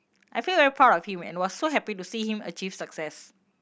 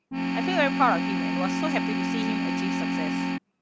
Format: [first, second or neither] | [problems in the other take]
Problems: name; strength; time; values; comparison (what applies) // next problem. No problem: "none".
first | background sound (Organ); 4 dB above the speech